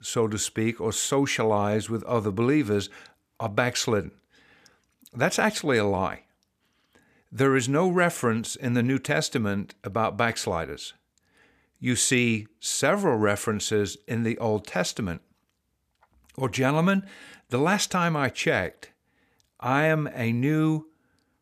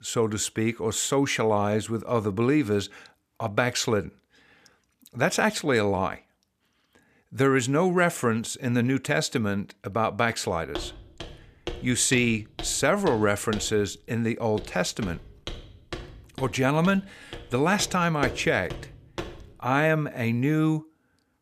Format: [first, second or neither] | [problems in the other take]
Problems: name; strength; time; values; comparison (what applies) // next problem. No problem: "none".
first | footsteps; noticeable; from 11 to 19 s; peak 9 dB below the speech